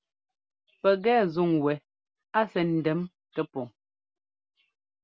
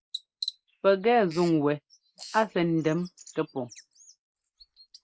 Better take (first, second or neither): first